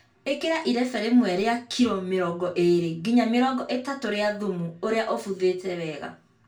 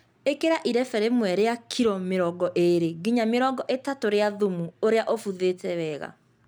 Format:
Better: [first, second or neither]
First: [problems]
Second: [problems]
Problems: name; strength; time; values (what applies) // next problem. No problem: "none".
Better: second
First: room echo; dies away in 0.3 s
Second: none